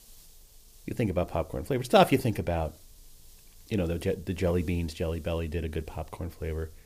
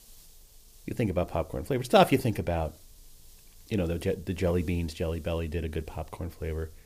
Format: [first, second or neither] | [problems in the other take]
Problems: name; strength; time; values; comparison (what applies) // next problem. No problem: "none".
neither | hiss; faint; throughout; 25 dB below the speech; the same in both